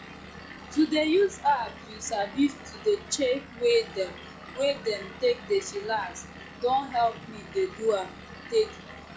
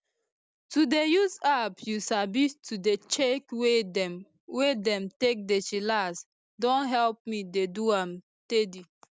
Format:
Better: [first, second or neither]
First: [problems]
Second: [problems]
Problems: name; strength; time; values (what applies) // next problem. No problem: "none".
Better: second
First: noise reduction (classical method log-MMSE)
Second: none